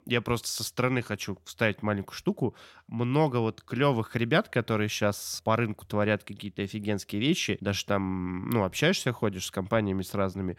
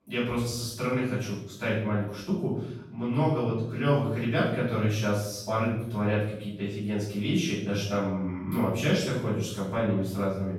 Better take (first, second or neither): first